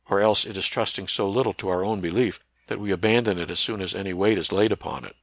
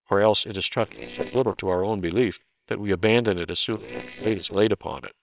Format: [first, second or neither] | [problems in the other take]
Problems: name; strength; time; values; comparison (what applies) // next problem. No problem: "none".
first | noise reduction (neural separator model SepFormer WHAMR!)